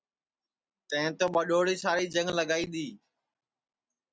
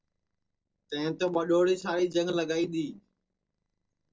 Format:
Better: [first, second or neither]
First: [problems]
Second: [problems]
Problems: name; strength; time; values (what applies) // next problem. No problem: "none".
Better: first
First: none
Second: noise reduction (neural separator model SepFormer DNS4)